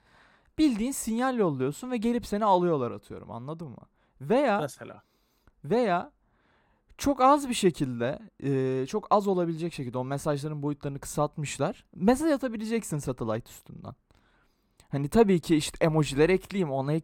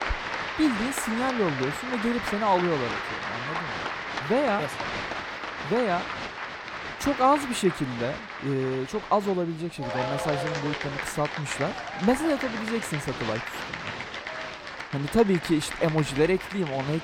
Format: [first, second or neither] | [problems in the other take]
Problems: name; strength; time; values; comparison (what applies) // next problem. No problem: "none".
first | crowd noise; loud; throughout; 5 dB below the speech